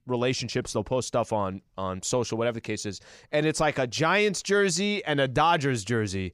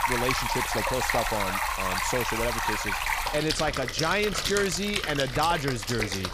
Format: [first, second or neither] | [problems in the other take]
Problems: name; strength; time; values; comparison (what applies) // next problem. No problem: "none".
first | rain or running water; very loud; throughout; 1 dB above the speech